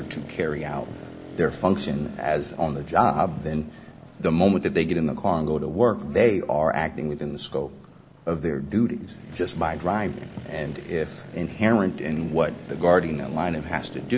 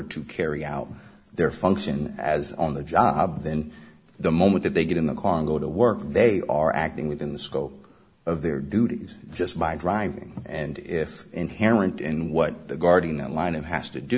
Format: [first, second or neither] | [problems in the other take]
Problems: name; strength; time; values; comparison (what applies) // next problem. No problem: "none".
second | background sound (Motorcycle); 18 dB below the speech